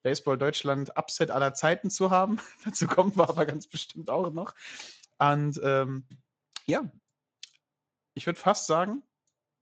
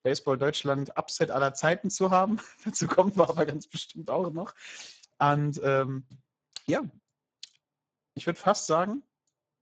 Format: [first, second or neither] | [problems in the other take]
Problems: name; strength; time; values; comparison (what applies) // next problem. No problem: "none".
first | garbled, watery; badly; nothing above 7.5 kHz; slightly in the first